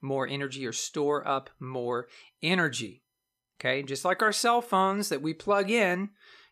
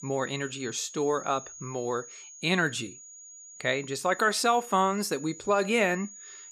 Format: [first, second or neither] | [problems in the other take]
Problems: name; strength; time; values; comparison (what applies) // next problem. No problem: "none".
first | high-pitched whine; noticeable; throughout; 7 kHz, 15 dB below the speech